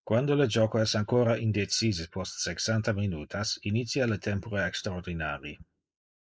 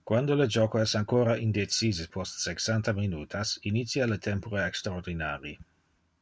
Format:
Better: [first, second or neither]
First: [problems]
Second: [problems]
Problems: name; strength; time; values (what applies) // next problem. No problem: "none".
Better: second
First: noise reduction (neural mask model Resemble Enhance denoiser)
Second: none